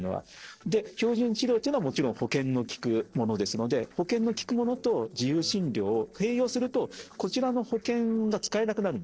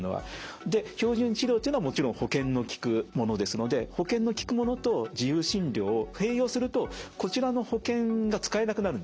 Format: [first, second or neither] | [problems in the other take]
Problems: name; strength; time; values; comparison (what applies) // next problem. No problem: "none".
second | noise reduction (neural separator model SepFormer DNS4)